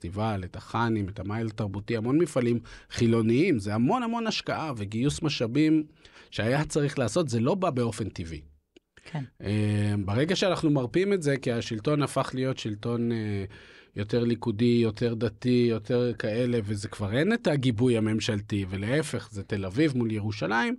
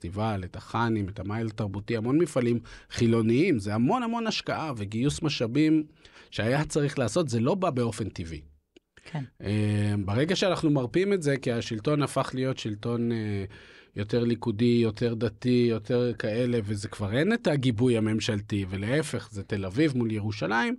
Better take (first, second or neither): neither